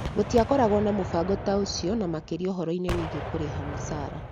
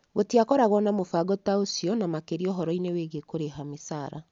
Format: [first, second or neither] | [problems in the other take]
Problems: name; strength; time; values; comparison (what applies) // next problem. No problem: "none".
second | background sound (Gunshot, gunfire); 7 dB below the speech